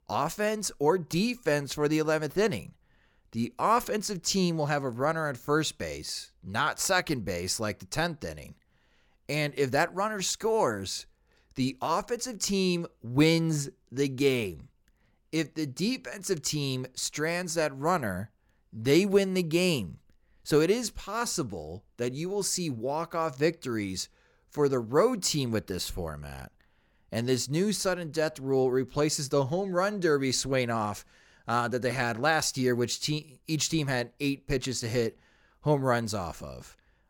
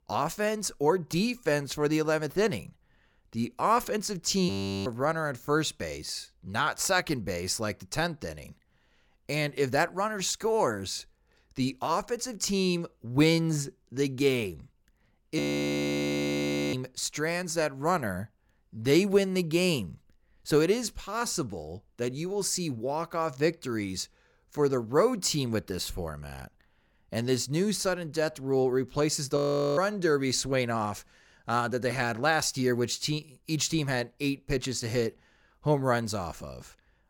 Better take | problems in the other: first | audio freezing; at 4.5 s, at 15 s for 1.5 s and at 29 s

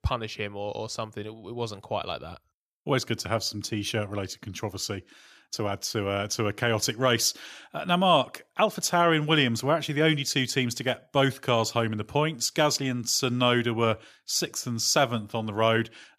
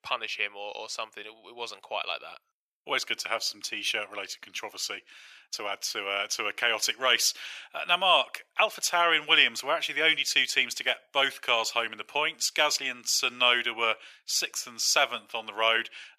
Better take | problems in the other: first | thin; very; fading below 650 Hz

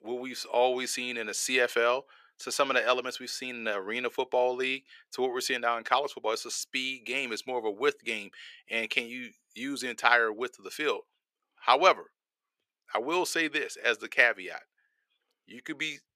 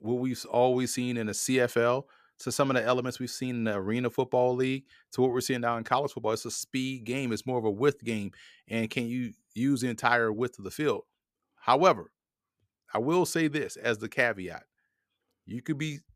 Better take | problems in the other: second | thin; somewhat; fading below 450 Hz

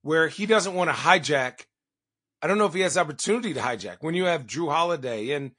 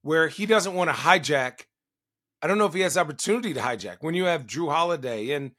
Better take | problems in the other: second | garbled, watery; slightly; nothing above 9 kHz

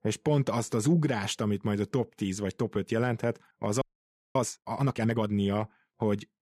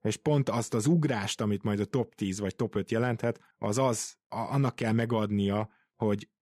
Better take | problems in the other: second | audio freezing; at 4 s for 0.5 s

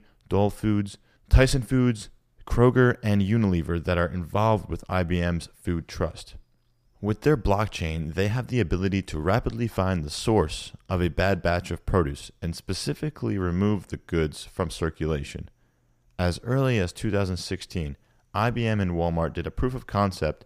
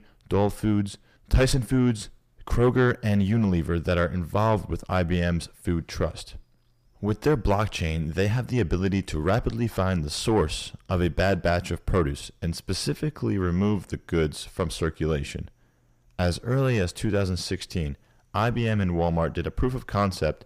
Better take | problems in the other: first | distortion; slight; 10 dB below the speech

